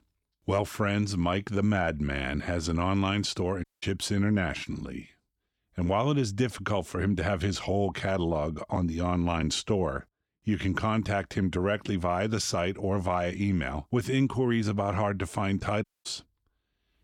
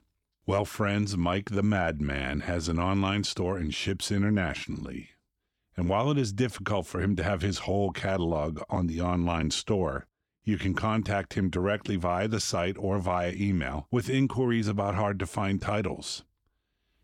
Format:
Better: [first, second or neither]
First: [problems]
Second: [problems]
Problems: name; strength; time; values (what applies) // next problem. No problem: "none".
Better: second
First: audio cutting out; at 3.5 s and at 16 s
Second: none